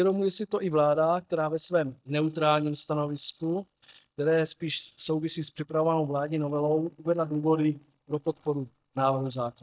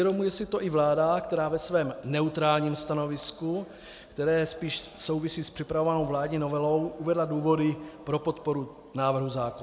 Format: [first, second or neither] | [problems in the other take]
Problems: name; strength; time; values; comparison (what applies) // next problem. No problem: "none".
second | noise reduction (neural mask model DeepFilterNet 3)